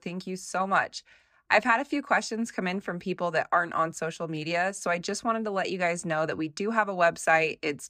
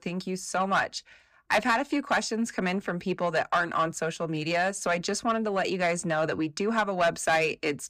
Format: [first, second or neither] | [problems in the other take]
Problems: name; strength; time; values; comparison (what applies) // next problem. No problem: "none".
first | distortion; slight; 10 dB below the speech